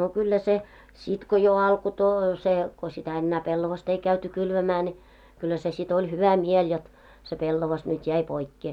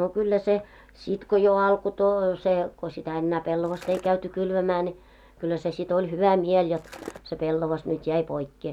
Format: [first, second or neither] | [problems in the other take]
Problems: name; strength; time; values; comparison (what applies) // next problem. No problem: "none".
first | background sound (Skateboard); 16 dB below the speech